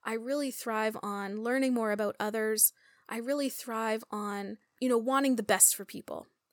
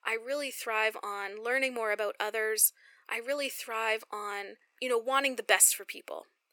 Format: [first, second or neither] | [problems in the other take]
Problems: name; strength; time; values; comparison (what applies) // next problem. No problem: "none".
first | thin; somewhat; fading below 350 Hz